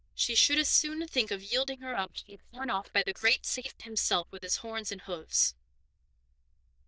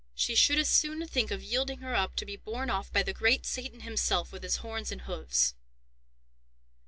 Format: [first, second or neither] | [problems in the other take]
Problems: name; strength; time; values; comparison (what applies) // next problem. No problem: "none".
second | noise reduction (neural diffusion model UNIVERSE++)